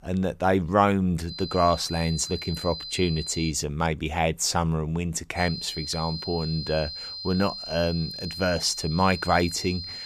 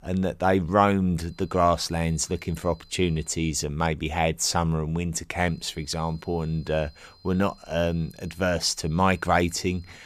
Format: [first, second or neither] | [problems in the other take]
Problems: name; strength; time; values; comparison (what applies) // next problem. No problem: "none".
second | high-pitched whine; loud; from 1.5 to 3.5 s and from 5.5 s on; 4 kHz, 8 dB below the speech; faint in the second